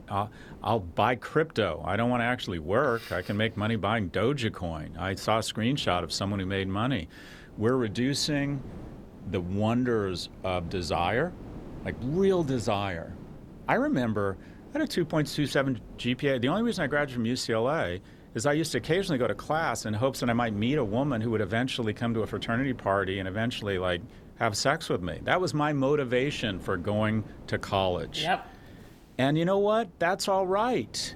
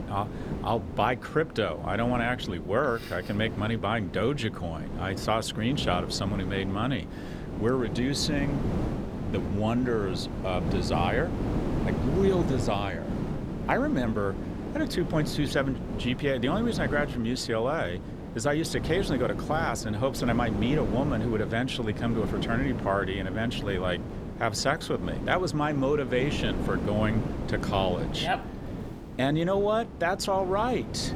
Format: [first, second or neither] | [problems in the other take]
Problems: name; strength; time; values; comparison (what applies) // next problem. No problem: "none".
first | wind noise on the microphone; heavy; 9 dB below the speech; occasional gusts in the first